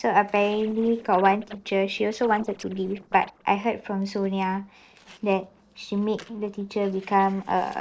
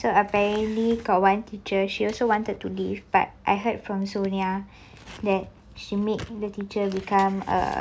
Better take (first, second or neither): second